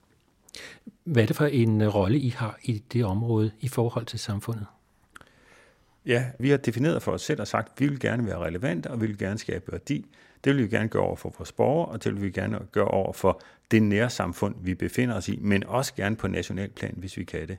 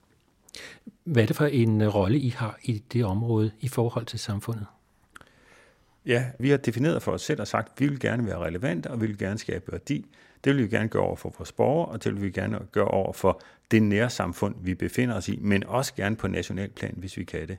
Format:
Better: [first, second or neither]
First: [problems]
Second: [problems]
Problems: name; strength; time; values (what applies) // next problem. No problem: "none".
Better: neither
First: none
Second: none